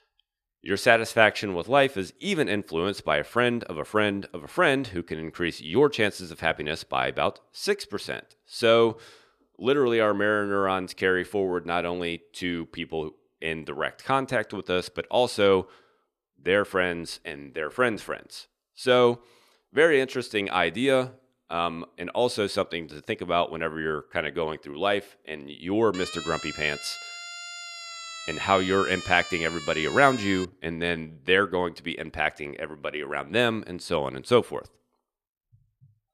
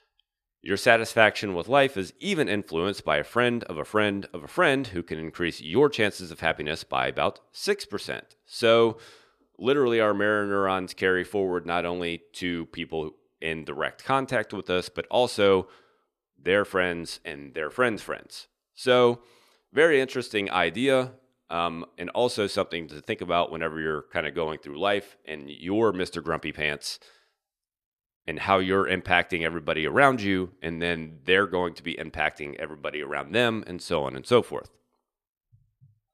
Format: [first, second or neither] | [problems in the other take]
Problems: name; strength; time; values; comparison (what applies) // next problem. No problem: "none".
second | siren; noticeable; from 26 to 30 s; peak 10 dB below the speech